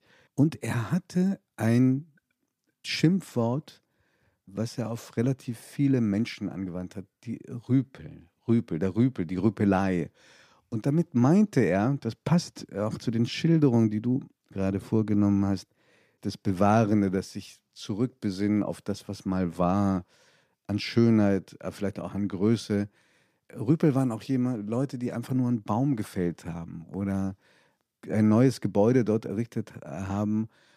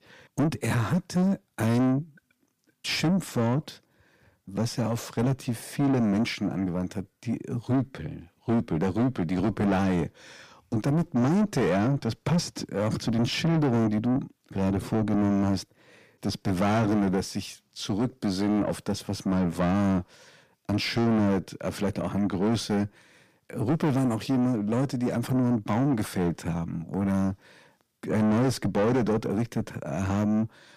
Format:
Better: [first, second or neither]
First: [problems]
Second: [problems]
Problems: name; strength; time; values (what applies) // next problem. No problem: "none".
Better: first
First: none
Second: distortion; heavy; 6 dB below the speech